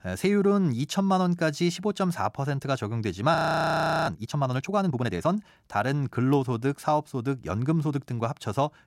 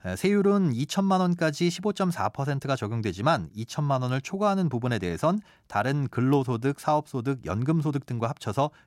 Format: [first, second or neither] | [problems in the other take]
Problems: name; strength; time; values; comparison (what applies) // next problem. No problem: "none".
second | audio freezing; at 3.5 s for 0.5 s